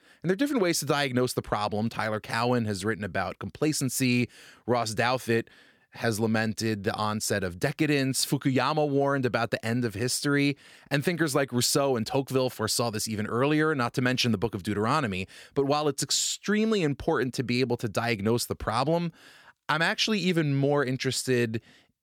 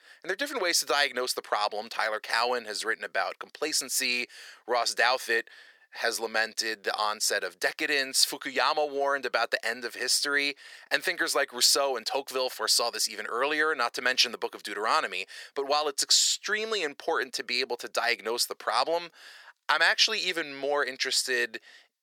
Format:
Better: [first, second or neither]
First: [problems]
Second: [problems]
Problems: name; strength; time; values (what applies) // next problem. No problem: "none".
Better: first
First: none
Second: thin; very; fading below 500 Hz